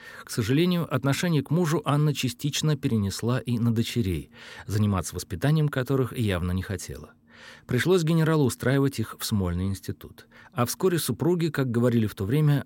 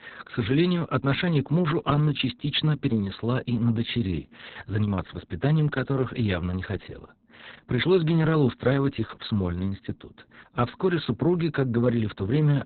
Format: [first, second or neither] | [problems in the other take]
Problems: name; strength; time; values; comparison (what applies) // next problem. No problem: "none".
first | garbled, watery; badly; nothing above 4 kHz